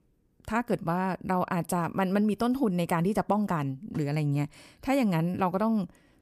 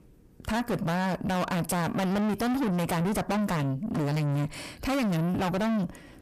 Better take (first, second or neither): first